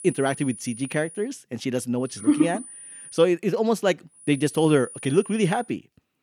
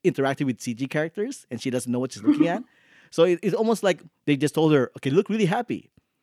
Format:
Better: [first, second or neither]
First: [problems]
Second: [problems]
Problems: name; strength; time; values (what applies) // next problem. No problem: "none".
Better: second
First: high-pitched whine; noticeable; until 1 s, from 2 to 3 s and from 4 to 5.5 s; 9.5 kHz, 15 dB below the speech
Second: none